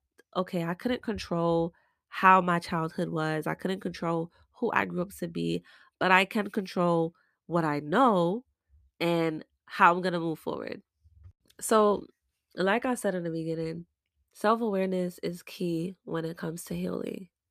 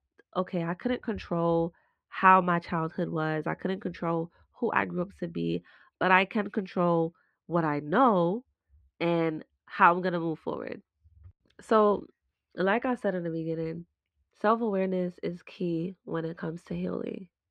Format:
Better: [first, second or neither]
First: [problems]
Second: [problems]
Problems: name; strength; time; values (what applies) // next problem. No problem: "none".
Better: first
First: none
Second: muffled; slightly; fading above 2.5 kHz